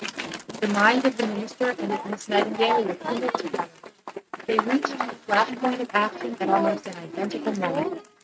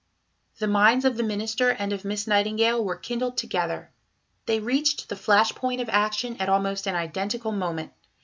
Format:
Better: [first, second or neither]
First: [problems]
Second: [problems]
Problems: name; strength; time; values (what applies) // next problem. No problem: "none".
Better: second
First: noise reduction (neural mask model RNNoise)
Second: none